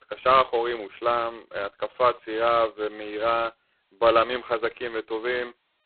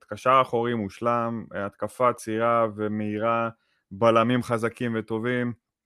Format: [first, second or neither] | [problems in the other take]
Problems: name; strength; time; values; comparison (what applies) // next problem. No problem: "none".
second | phone-call audio; poor line; nothing above 4 kHz